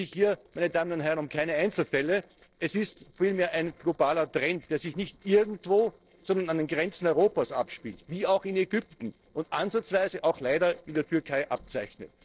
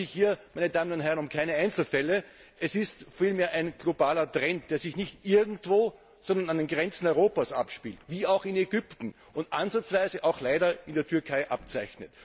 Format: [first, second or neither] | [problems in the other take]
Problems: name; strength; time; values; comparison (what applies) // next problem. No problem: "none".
second | noise reduction (neural separator model SepFormer DNS4)